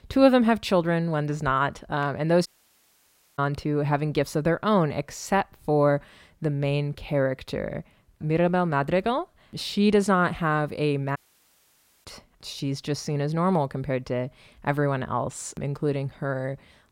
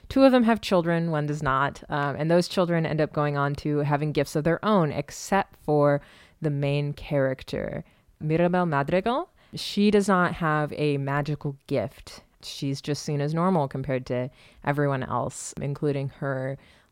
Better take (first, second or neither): second